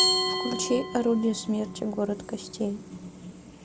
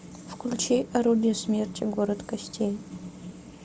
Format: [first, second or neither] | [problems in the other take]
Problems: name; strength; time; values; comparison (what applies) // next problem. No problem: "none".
second | background sound (Glass); 2 dB below the speech